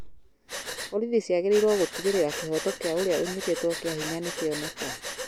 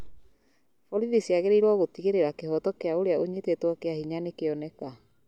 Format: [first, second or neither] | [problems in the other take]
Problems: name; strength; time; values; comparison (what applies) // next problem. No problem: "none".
second | background sound (Breathing); 9 dB below the speech